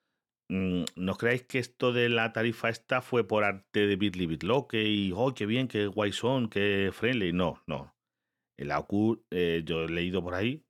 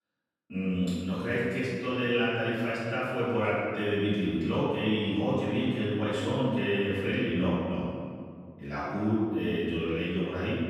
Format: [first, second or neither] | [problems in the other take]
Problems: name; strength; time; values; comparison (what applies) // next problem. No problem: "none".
first | off-mic speech; far // room echo; strong; dies away in 2.1 s